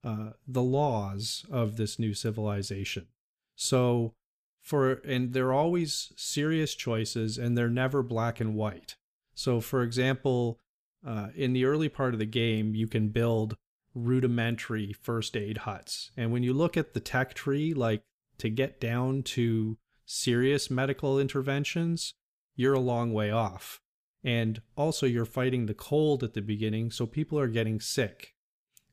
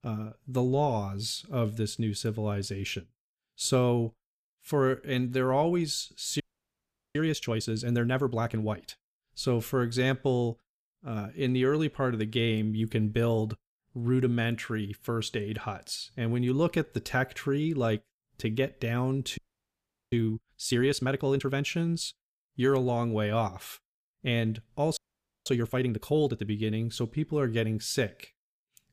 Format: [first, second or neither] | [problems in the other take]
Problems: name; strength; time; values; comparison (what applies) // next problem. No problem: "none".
first | audio freezing; at 6.5 s for 1 s, at 19 s for 0.5 s and at 25 s